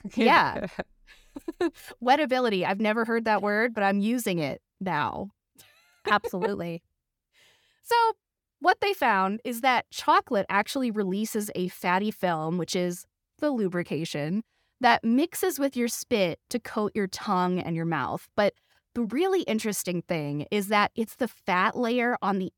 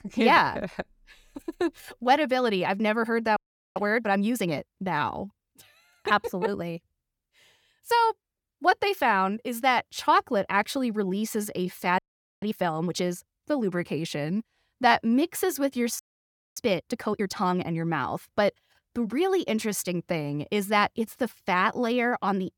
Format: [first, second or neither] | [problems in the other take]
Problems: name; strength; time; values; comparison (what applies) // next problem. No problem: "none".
first | audio freezing; at 3.5 s, at 12 s and at 16 s for 0.5 s